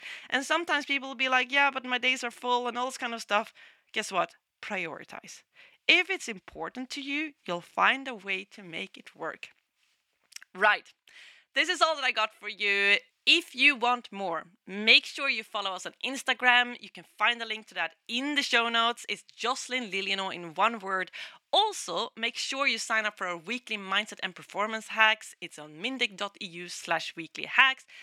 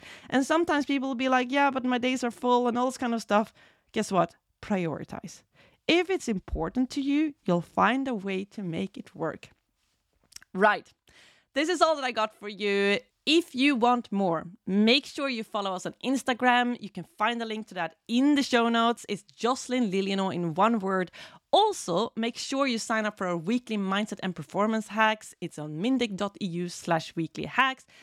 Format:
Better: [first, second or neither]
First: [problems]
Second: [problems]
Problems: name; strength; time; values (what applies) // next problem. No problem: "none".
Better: second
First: thin; somewhat; fading below 900 Hz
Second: none